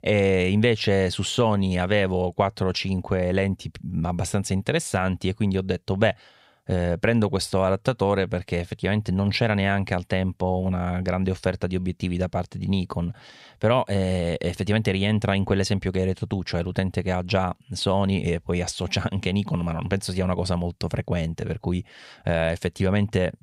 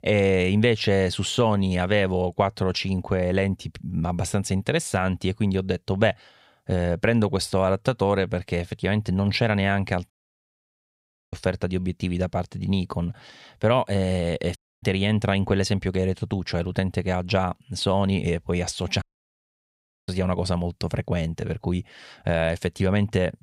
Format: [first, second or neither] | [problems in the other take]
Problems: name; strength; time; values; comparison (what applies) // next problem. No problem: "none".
first | audio cutting out; at 10 s for 1 s, at 15 s and at 19 s for 1 s